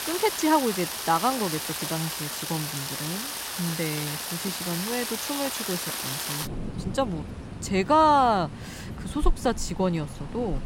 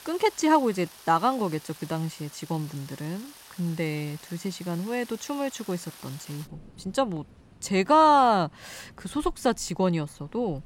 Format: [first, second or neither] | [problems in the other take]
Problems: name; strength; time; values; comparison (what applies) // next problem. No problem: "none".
second | rain or running water; loud; throughout; 5 dB below the speech; faint in the second